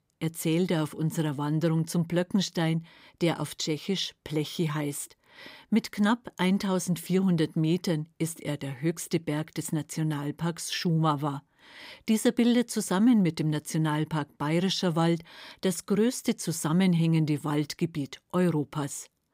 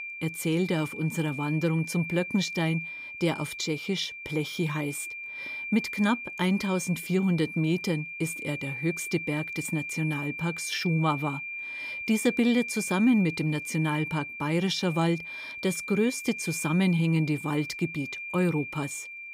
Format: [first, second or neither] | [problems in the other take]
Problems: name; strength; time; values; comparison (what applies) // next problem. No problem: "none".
first | high-pitched whine; loud; throughout; 2.5 kHz, 7 dB below the speech